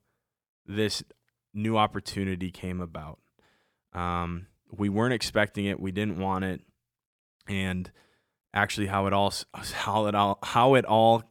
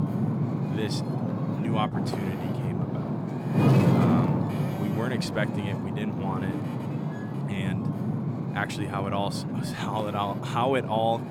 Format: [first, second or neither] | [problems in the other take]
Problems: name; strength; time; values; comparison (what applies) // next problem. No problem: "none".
first | wind noise on the microphone; heavy; 3 dB below the speech